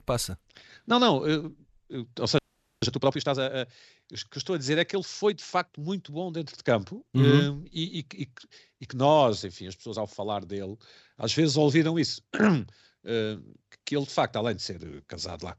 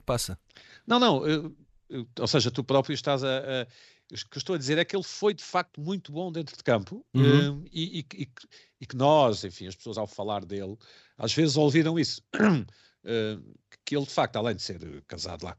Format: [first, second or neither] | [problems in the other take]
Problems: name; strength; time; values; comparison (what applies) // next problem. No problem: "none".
second | audio freezing; at 2.5 s